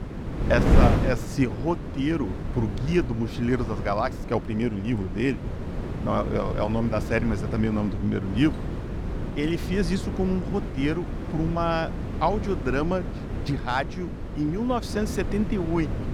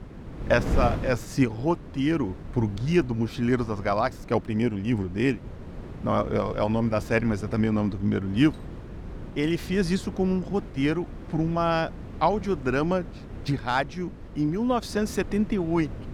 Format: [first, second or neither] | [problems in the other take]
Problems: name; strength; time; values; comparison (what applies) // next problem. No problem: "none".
second | wind noise on the microphone; heavy; 8 dB below the speech; occasional gusts in the second